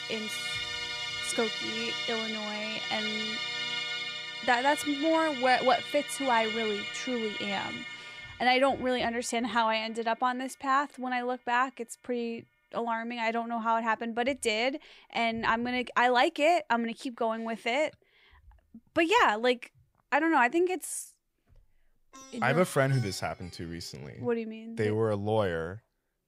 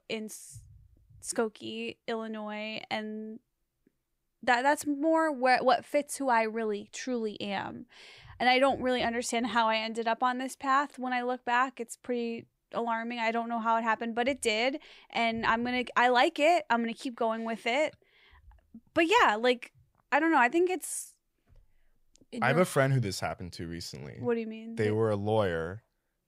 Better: second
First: background music; loud; throughout; 5 dB below the speech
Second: none

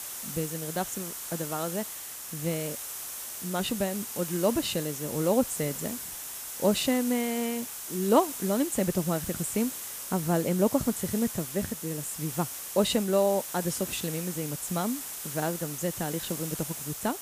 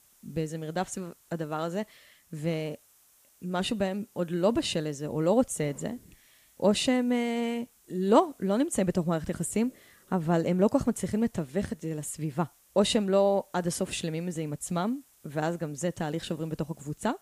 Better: second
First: hiss; loud; throughout; 5 dB below the speech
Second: hiss; faint; throughout; 30 dB below the speech

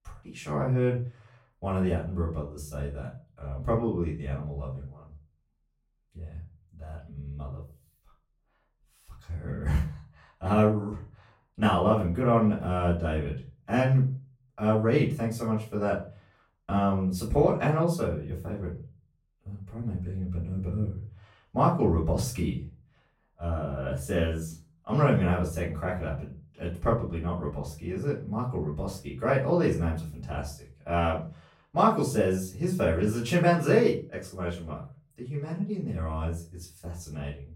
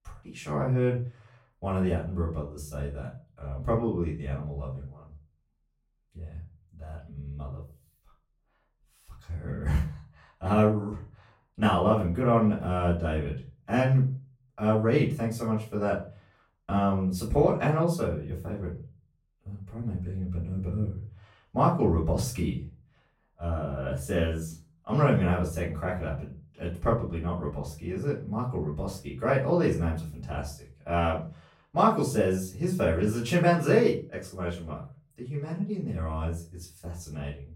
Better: neither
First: off-mic speech; far // room echo; slight; dies away in 0.3 s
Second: off-mic speech; far // room echo; slight; dies away in 0.3 s

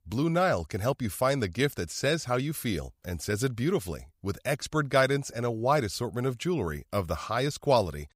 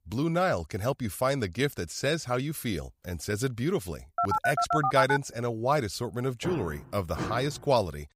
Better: first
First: none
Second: phone ringing; loud; at 4 s; peak 2 dB above the speech // footsteps; noticeable; from 6.5 to 7.5 s; peak 7 dB below the speech

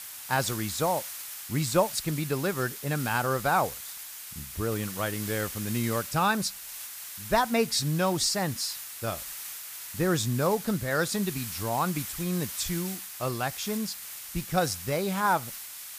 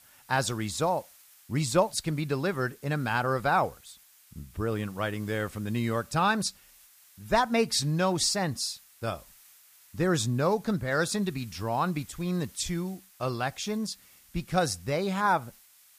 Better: second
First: hiss; loud; throughout; 8 dB below the speech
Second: hiss; faint; throughout; 25 dB below the speech

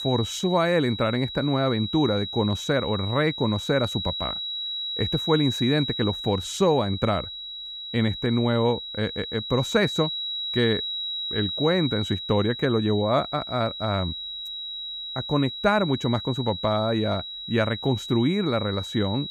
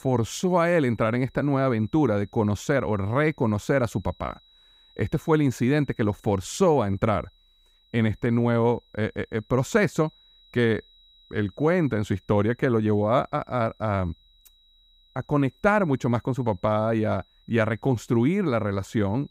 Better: second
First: high-pitched whine; loud; throughout; 4 kHz, 6 dB below the speech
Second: high-pitched whine; faint; throughout; 4 kHz, 35 dB below the speech

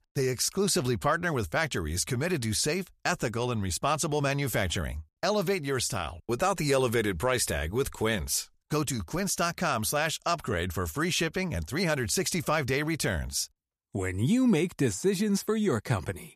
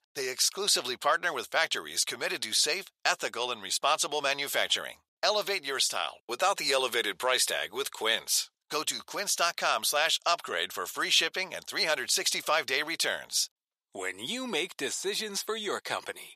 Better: first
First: none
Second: thin; very; fading below 650 Hz

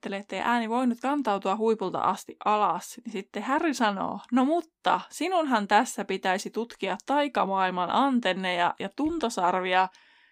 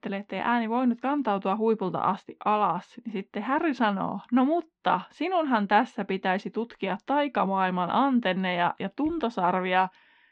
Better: first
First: none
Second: muffled; slightly; fading above 3 kHz

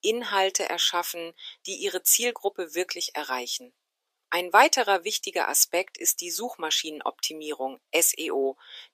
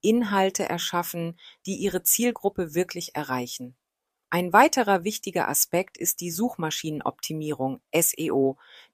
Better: second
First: thin; somewhat; fading below 350 Hz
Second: none

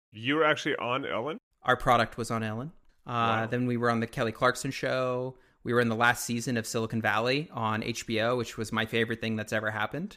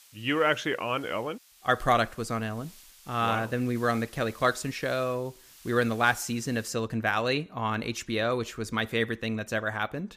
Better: first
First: none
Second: hiss; faint; until 6.5 s; 25 dB below the speech

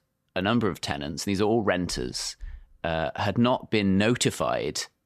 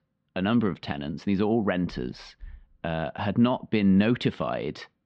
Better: first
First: none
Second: muffled; slightly; fading above 4 kHz

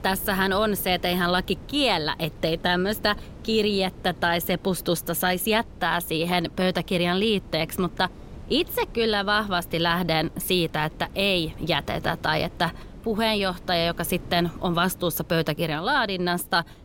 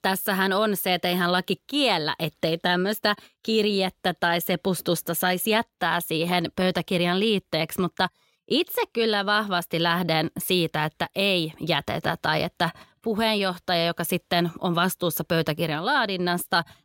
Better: second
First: wind noise on the microphone; occasional gusts; 25 dB below the speech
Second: none

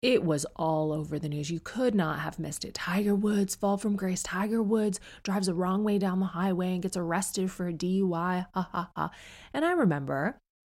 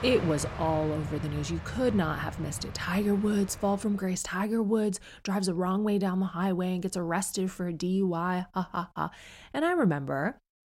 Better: first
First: none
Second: train or aircraft noise; noticeable; until 4 s; 10 dB below the speech

